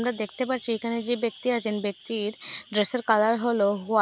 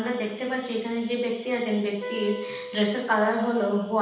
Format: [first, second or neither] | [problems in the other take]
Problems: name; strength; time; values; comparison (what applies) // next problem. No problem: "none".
first | background sound (Wind instrument, woodwind instrument); 11 dB below the speech // room echo; dies away in 0.9 s